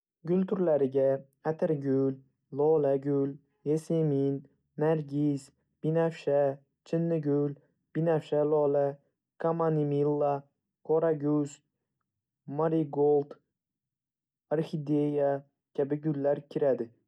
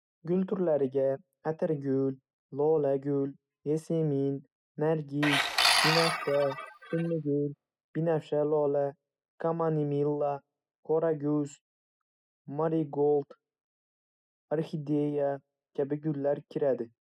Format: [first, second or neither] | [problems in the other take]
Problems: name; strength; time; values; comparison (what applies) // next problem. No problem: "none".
first | noise reduction (classical method spectral subtraction)